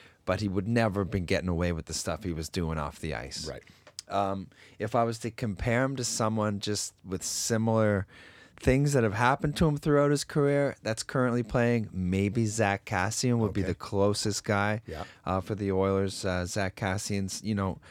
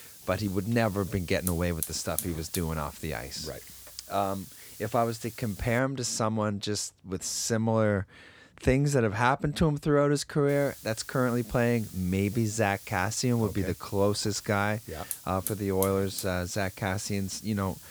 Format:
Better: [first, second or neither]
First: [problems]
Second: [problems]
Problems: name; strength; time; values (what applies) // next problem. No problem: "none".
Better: first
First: none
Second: hiss; noticeable; until 6 s and from 10 s on; 10 dB below the speech